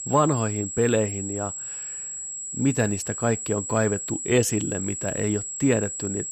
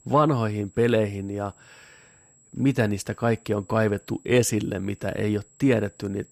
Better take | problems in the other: second | high-pitched whine; loud; throughout; 7.5 kHz, 5 dB below the speech; faint in the second

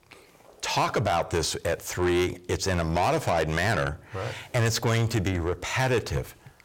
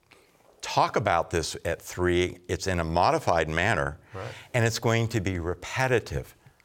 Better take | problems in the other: second | distortion; heavy; 7 dB below the speech

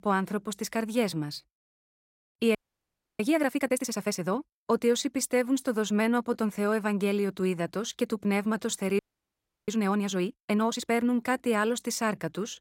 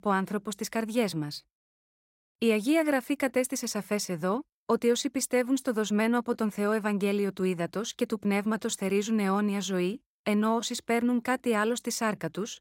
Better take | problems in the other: second | audio freezing; at 2.5 s for 0.5 s and at 9 s for 0.5 s

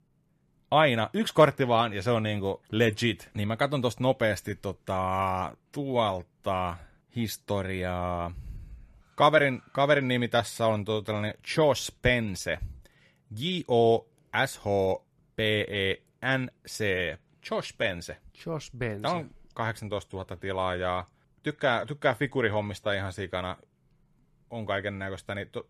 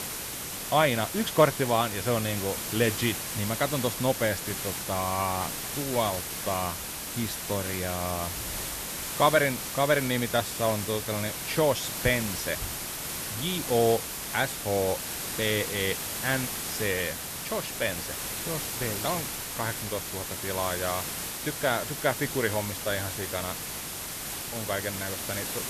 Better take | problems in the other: first | hiss; loud; throughout; 3 dB below the speech

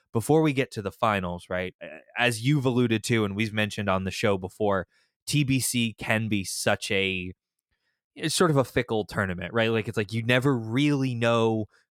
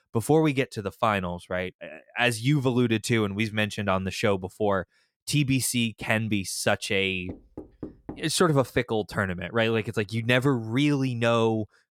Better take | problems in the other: first | door banging; faint; at 7.5 s; peak 15 dB below the speech

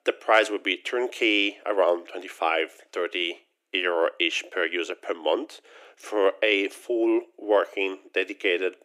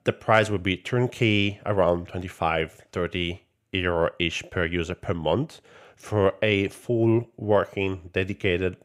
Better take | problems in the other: second | thin; somewhat; fading below 300 Hz

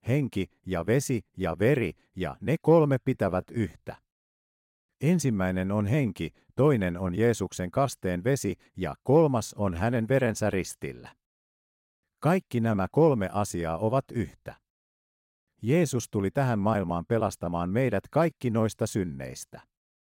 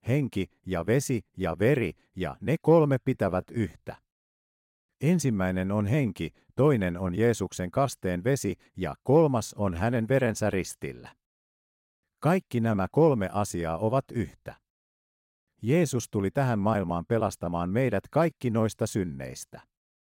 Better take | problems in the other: neither | none

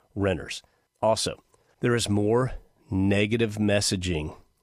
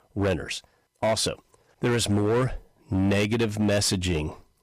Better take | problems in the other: first | distortion; slight; 11% of the sound clipped

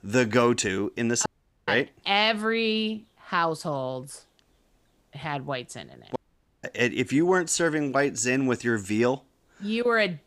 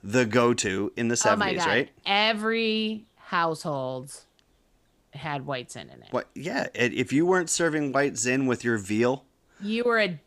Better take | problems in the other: second | audio cutting out; at 1.5 s and at 6 s

